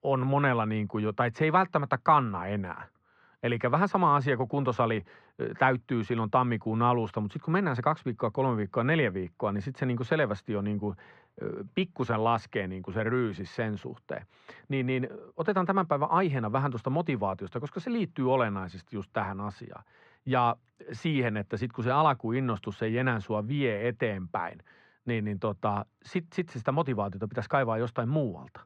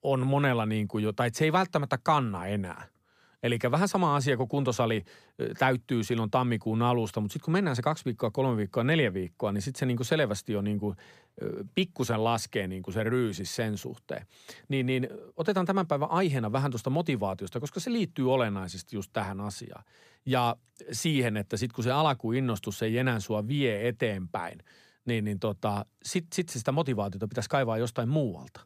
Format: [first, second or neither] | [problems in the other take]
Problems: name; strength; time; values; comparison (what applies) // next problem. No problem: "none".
second | muffled; very; fading above 2 kHz